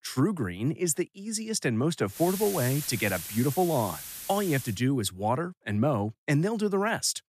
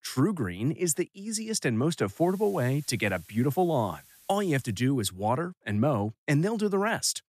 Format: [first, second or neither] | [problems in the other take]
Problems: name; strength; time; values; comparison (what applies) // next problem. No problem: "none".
second | hiss; loud; from 2 to 4.5 s; 8 dB below the speech; faint in the second